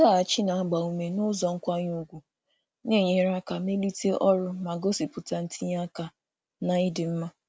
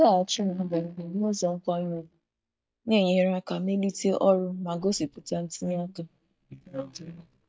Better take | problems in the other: first | noise reduction (neural mask model DeepFilterNet 3)

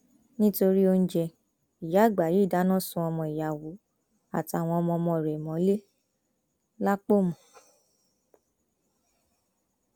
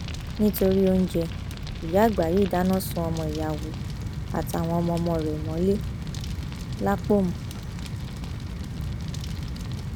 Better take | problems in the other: first | background sound (Fire); 5 dB below the speech

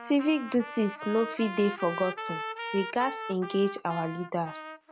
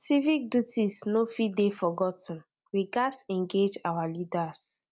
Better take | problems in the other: second | background sound (Trumpet); 10 dB below the speech

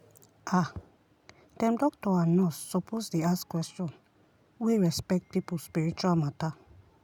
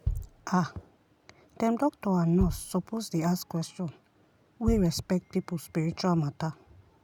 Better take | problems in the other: first | background sound (Bass drum); 9 dB below the speech

